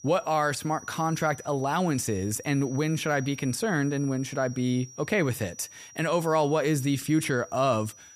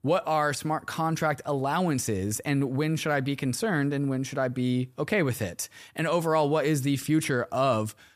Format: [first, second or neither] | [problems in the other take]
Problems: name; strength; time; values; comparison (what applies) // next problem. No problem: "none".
second | high-pitched whine; noticeable; throughout; 6 kHz, 20 dB below the speech